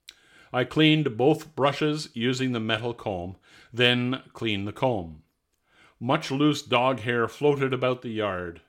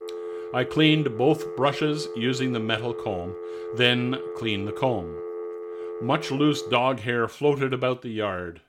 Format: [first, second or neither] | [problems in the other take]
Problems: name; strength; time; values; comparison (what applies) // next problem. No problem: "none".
first | phone ringing; noticeable; until 7 s; peak 9 dB below the speech